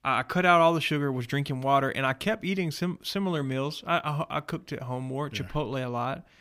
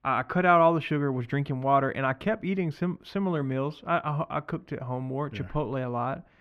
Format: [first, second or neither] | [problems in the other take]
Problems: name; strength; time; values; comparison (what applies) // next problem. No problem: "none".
first | muffled; very; fading above 3 kHz